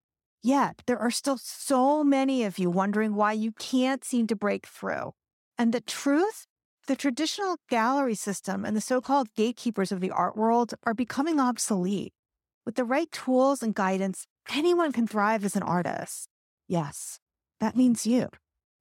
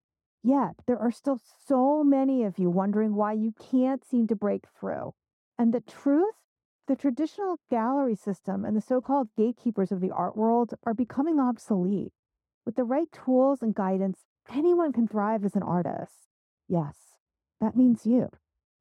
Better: first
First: none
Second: muffled; very; fading above 1.5 kHz

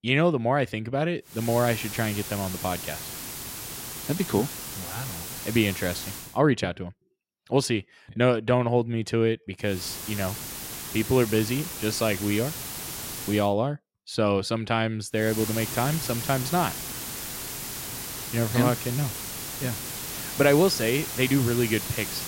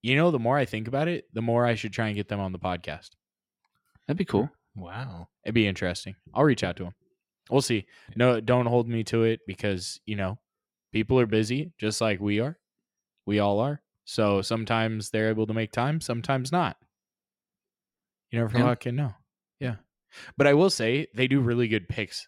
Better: second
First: hiss; loud; from 1.5 to 6.5 s, from 9.5 to 13 s and from 15 s on; 7 dB below the speech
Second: none

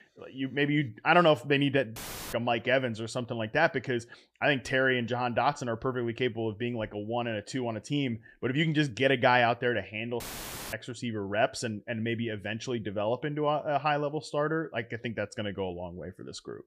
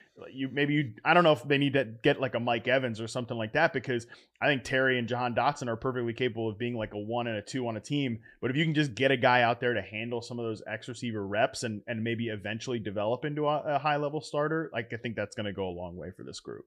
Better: second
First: audio cutting out; filled with static; at 2 s and at 10 s for 0.5 s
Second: none

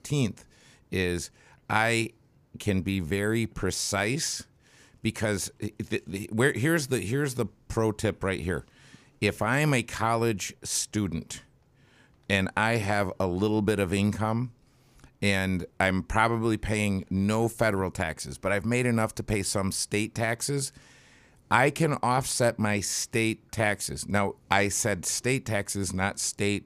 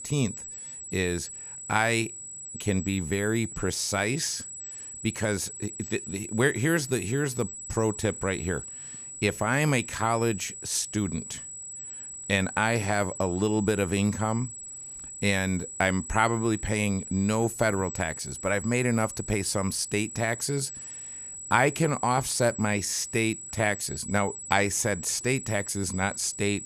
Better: first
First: none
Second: high-pitched whine; loud; throughout; 8 kHz, 10 dB below the speech

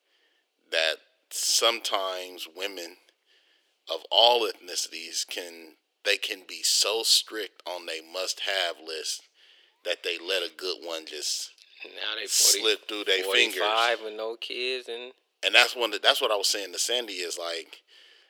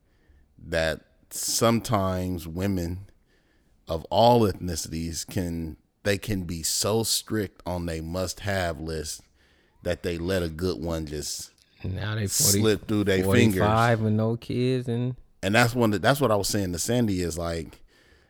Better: second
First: thin; very; fading below 350 Hz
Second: none

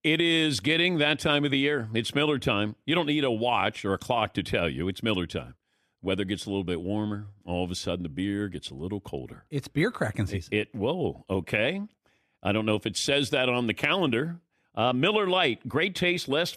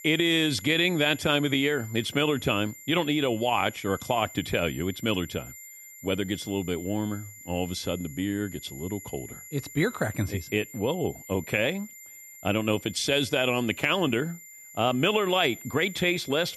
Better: first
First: none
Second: high-pitched whine; noticeable; throughout; 7 kHz, 15 dB below the speech

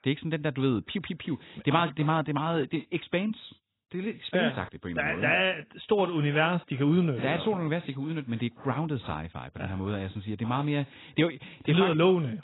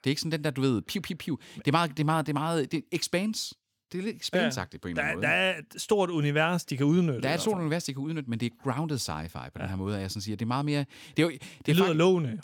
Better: second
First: garbled, watery; badly; nothing above 4 kHz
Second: none

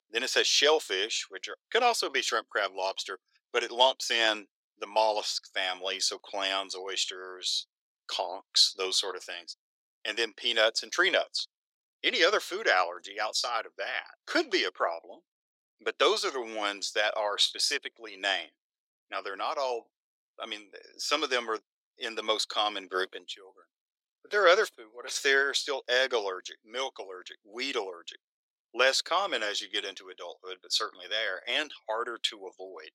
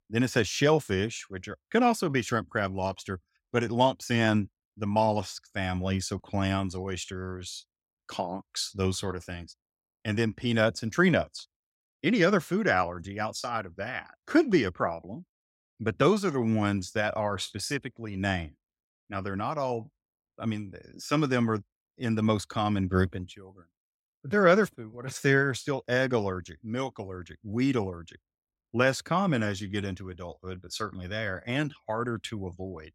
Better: second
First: thin; very; fading below 400 Hz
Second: none

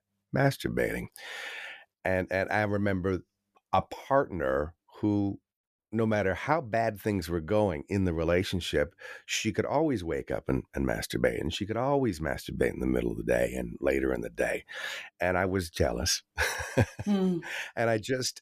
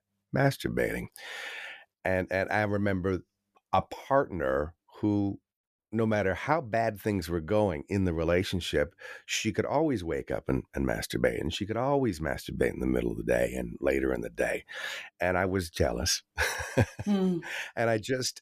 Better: neither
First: none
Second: none

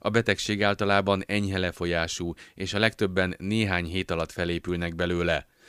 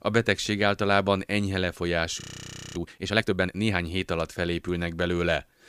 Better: first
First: none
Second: audio freezing; at 2 s for 0.5 s

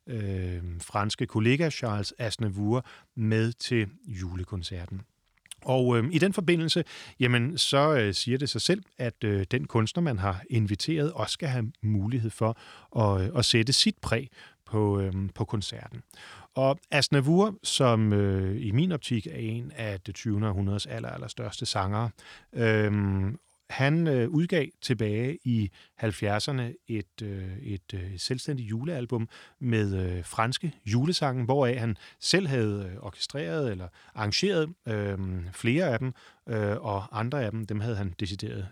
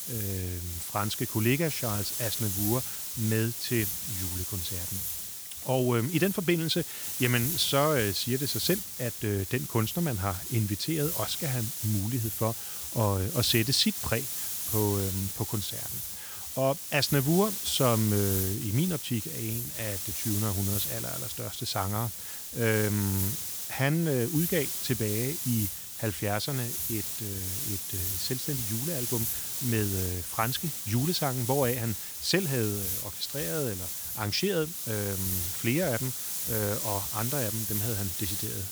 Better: first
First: none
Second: hiss; loud; throughout; 1 dB below the speech

